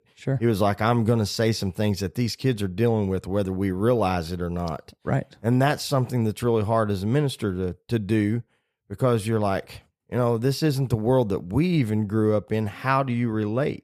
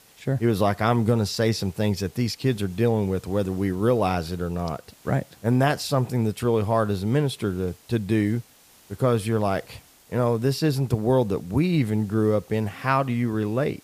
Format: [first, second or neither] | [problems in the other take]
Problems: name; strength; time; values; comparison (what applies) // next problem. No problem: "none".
first | hiss; faint; throughout; 30 dB below the speech